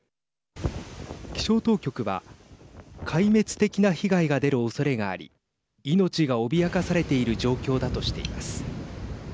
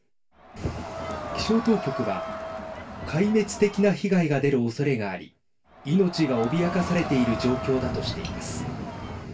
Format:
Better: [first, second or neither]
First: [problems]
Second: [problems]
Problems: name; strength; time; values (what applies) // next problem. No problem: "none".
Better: first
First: none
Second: background sound (Crowd); 10 dB below the speech // room echo; dies away in 0.2 s